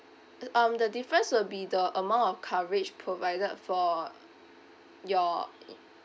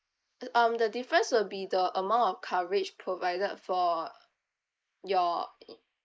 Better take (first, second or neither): first